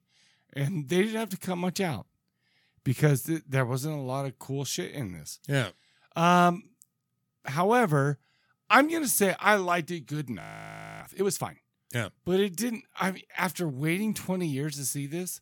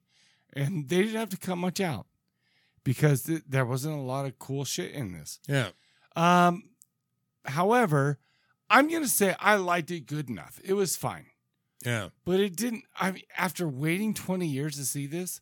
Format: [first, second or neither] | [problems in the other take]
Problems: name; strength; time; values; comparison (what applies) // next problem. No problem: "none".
second | audio freezing; at 10 s for 0.5 s